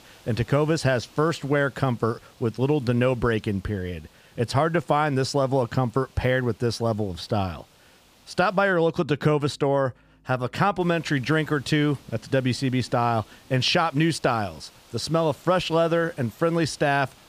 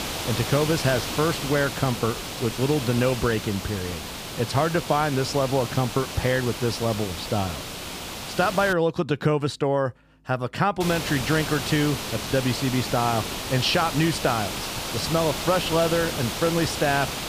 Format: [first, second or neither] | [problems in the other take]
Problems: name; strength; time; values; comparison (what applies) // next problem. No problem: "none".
first | hiss; loud; until 8.5 s and from 11 s on; 6 dB below the speech; faint in the first